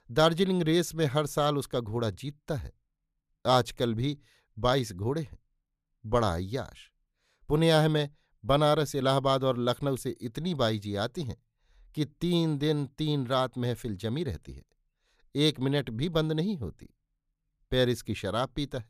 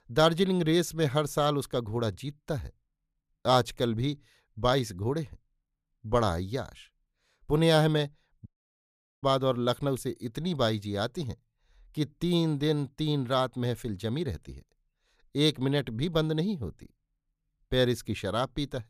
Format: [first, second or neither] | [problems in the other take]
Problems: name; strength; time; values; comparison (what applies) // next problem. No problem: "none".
first | audio cutting out; at 8.5 s for 1 s